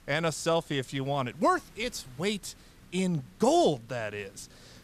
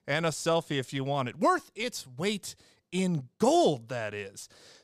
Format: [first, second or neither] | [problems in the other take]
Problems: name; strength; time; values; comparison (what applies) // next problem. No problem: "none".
second | hiss; faint; throughout; 25 dB below the speech